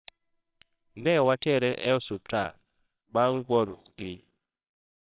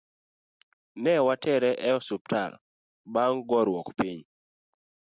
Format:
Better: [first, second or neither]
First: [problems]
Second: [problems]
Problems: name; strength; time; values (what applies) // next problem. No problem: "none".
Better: second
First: noise reduction (neural separator model SepFormer WHAMR!)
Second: none